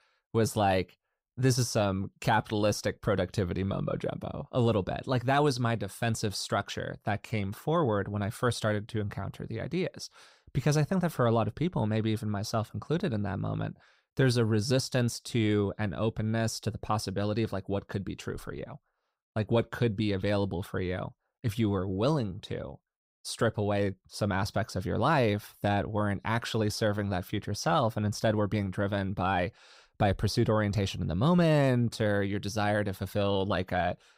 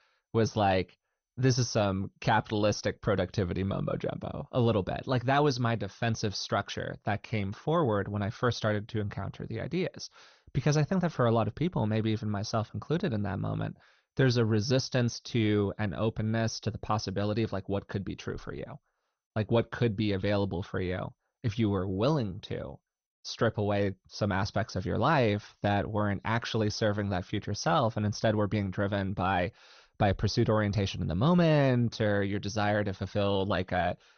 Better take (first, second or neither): first